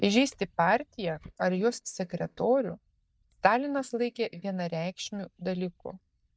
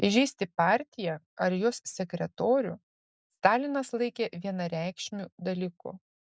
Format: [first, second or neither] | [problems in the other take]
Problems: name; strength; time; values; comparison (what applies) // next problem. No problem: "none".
second | noise reduction (neural mask model DeepFilterNet 3)